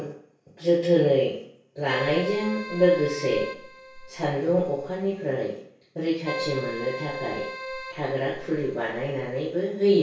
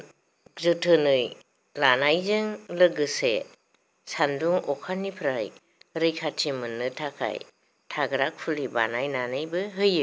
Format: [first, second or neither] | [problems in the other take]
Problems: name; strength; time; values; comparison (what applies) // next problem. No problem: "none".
second | background sound (Keyboard (musical)); 11 dB below the speech // room echo; dies away in 0.6 s